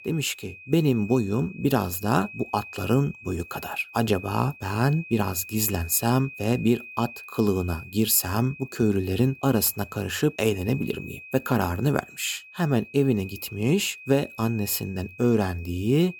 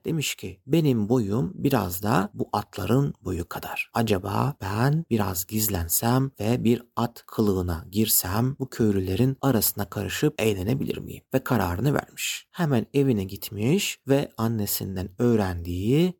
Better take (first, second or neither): second